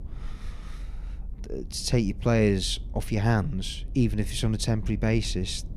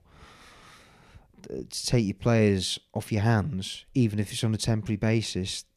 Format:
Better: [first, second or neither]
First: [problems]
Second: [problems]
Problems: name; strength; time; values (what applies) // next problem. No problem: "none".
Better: second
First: low rumble; faint; throughout; 25 dB below the speech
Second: none